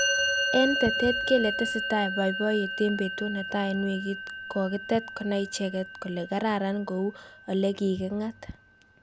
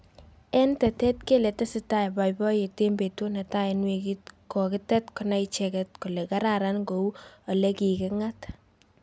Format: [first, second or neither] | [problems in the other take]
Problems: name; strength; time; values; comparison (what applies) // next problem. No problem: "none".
second | background sound (Musical instrument); 4 dB below the speech